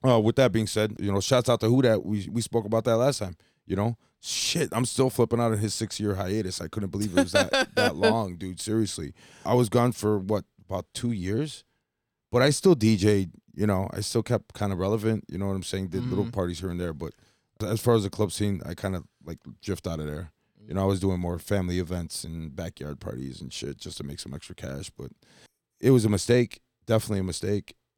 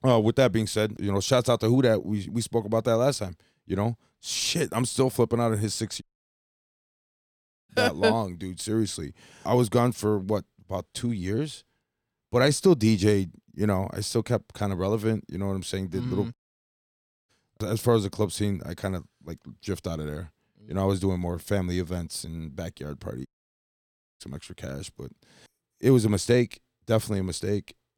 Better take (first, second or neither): first